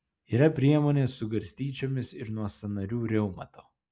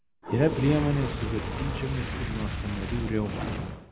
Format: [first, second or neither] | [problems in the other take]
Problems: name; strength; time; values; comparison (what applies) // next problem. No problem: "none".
first | background sound (Fire); 3 dB below the speech